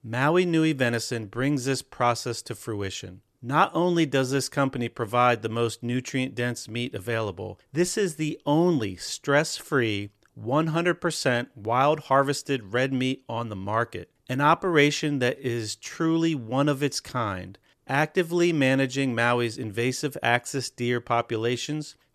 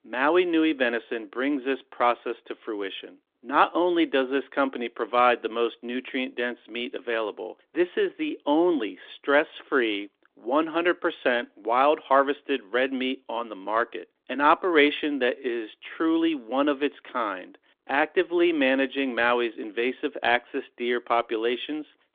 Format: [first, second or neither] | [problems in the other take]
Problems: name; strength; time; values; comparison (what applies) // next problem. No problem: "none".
first | phone-call audio; nothing above 3.5 kHz